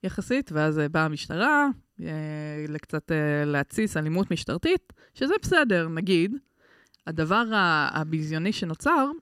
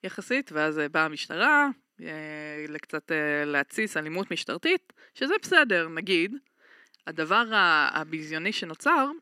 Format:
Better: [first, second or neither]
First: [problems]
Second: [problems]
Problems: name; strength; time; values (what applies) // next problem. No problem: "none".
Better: first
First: none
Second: thin; somewhat; fading below 250 Hz